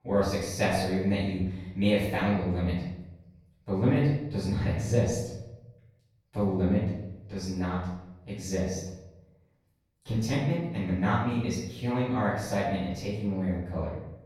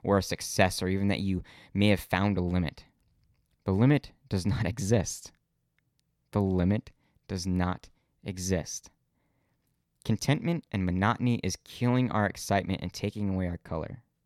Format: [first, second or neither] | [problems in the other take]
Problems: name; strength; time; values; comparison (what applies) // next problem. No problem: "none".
second | off-mic speech; far // room echo; noticeable; dies away in 0.8 s